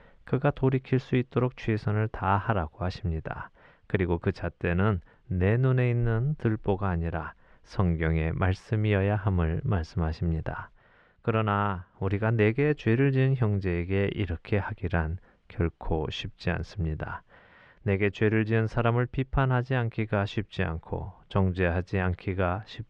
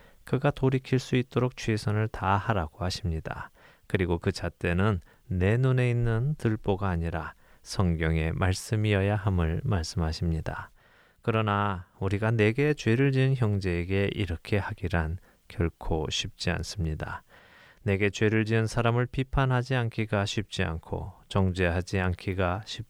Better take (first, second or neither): second